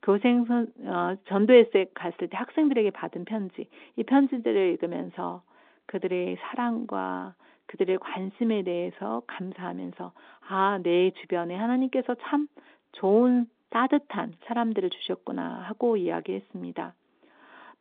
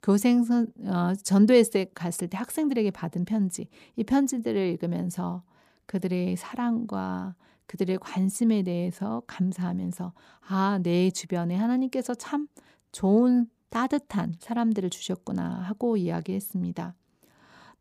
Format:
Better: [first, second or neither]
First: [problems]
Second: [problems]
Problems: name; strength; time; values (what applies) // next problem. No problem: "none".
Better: second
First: phone-call audio; nothing above 3.5 kHz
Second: none